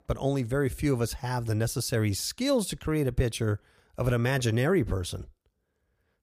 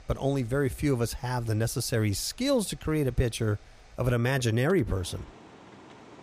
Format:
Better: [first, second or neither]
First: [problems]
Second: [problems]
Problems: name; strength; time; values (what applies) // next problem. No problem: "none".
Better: first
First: none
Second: machinery noise; faint; throughout; 25 dB below the speech